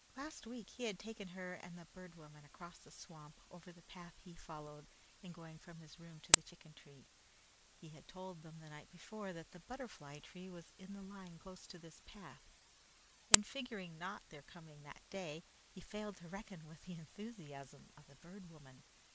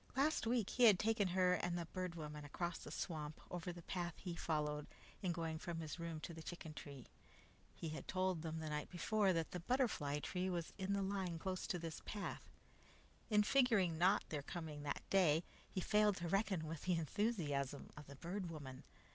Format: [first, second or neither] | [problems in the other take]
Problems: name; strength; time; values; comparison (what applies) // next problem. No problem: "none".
second | background sound (Camera); 5 dB above the speech